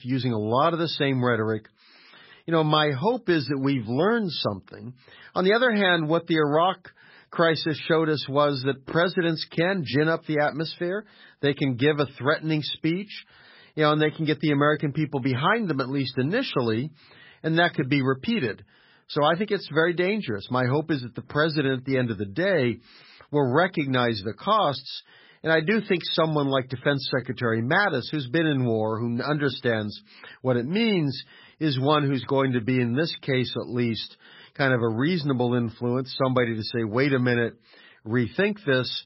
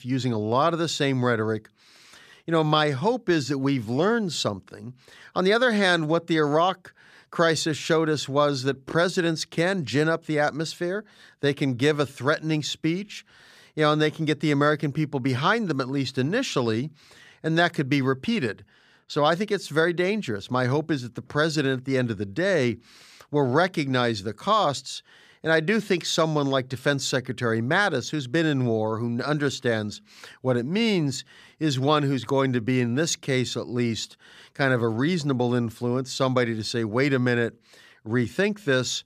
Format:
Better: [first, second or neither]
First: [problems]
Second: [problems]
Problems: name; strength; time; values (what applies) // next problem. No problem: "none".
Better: second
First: garbled, watery; badly; nothing above 5.5 kHz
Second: none